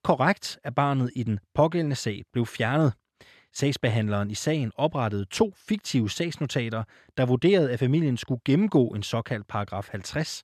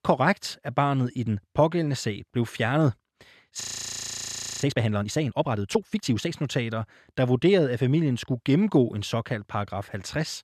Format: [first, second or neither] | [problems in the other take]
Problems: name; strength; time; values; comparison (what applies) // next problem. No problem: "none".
first | audio freezing; at 3.5 s for 1 s